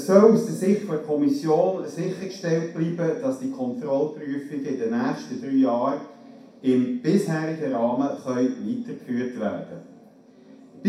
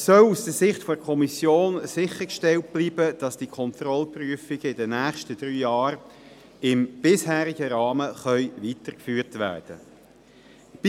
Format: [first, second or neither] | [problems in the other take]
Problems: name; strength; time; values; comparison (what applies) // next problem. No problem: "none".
second | room echo; dies away in 0.6 s